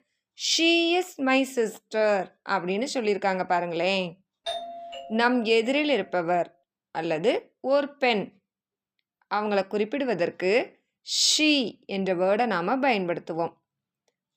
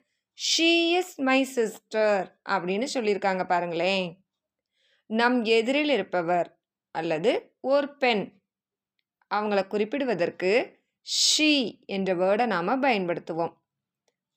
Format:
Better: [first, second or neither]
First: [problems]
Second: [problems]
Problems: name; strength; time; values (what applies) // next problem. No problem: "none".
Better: second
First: doorbell; noticeable; from 4.5 to 6 s; peak 8 dB below the speech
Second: none